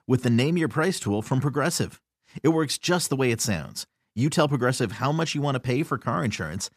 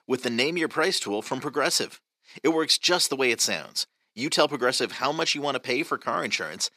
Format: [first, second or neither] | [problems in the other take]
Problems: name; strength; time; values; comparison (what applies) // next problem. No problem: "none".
first | thin; somewhat; fading below 400 Hz